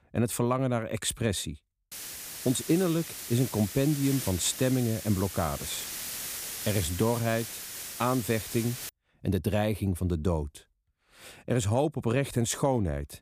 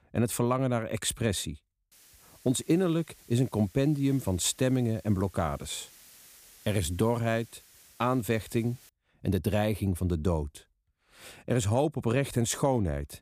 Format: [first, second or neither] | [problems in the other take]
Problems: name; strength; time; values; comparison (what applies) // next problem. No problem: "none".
second | hiss; loud; from 2 to 9 s; 8 dB below the speech; faint in the second